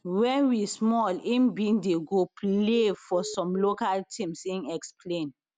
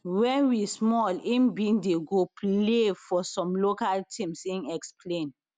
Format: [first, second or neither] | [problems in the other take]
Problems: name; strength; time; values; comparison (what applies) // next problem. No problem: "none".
second | background sound (Telephone); 15 dB below the speech